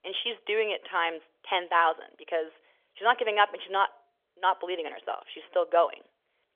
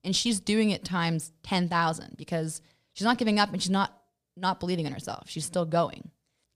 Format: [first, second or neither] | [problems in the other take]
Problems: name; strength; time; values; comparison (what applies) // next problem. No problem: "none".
second | phone-call audio; nothing above 3.5 kHz